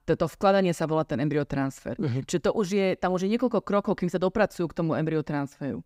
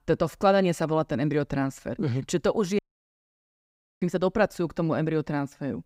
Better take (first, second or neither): first